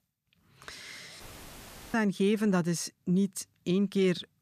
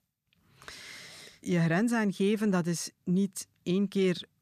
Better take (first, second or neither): second